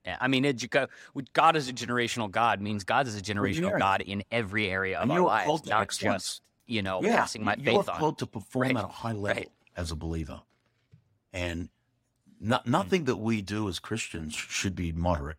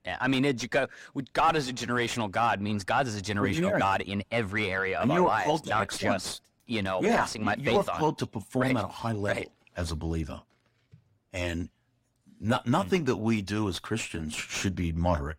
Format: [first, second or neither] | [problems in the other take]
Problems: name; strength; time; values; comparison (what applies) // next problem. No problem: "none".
first | distortion; slight; 10 dB below the speech